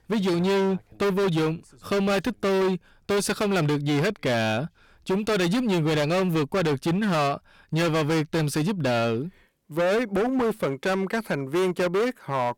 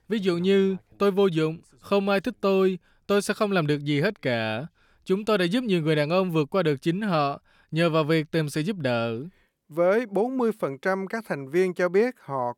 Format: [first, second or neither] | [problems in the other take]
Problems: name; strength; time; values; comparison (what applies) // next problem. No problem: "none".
second | distortion; heavy; 25% of the sound clipped